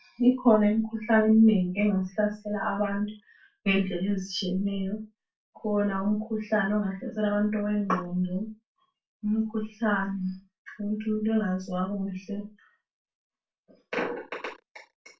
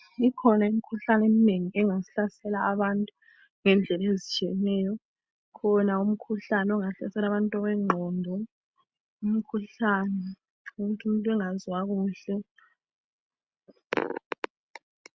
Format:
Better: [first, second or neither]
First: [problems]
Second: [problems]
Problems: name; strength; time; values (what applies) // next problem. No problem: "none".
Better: second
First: room echo; dies away in 0.2 s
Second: none